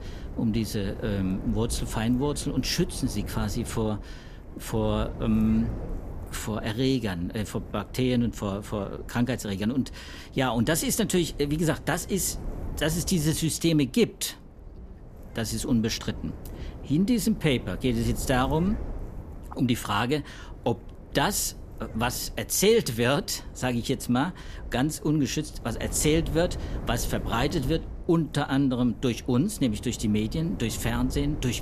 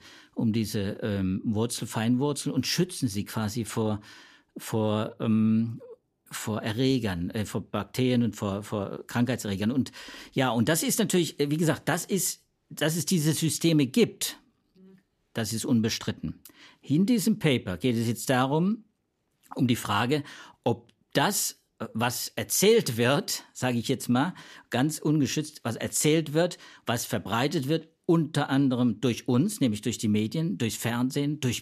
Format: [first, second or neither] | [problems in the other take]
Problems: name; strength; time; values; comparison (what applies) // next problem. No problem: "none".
second | wind noise on the microphone; occasional gusts; 15 dB below the speech